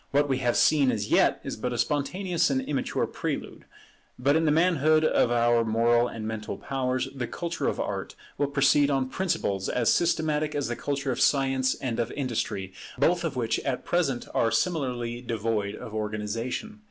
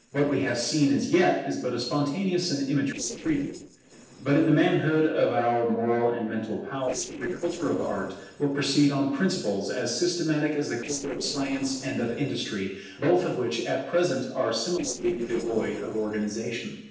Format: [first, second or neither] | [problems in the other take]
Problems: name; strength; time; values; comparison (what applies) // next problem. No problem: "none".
first | noise reduction (neural separator model SepFormer DNS4)